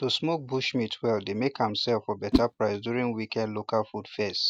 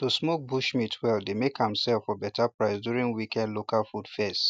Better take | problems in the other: second | background sound (Whoosh, swoosh, swish); 5 dB below the speech

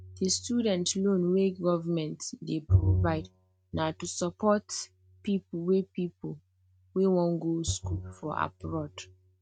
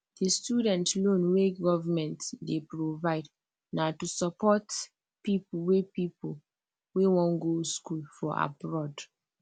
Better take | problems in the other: second | noise reduction (neural mask model RNNoise)

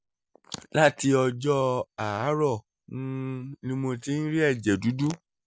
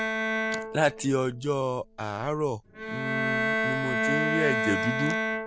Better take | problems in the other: first | background sound (Bowed string instrument); as loud as the speech

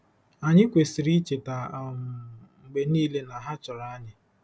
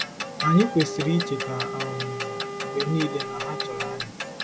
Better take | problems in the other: first | background sound (Wind instrument, woodwind instrument + Clock); 3 dB below the speech

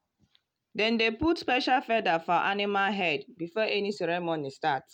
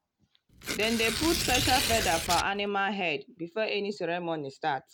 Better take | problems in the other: first | background sound (Tearing); 1 dB below the speech

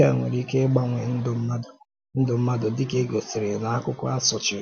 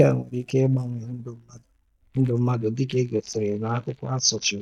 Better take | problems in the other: first | noise reduction (neural mask model DeepFilterNet 3)

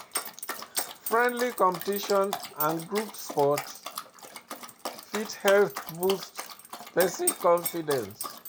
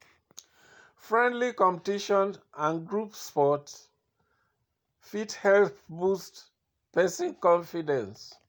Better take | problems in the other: second | background sound (Dog); 8 dB below the speech

